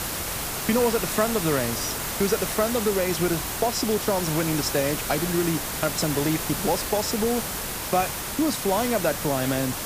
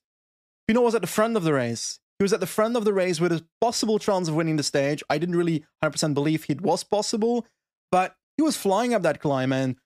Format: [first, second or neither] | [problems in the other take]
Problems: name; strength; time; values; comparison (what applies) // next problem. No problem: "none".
second | hiss; loud; throughout; 2 dB below the speech